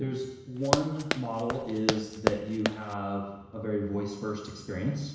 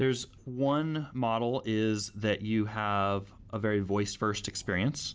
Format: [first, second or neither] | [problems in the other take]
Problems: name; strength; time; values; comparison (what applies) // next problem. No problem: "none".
second | background sound (Run); as loud as the speech // room echo; dies away in 1 s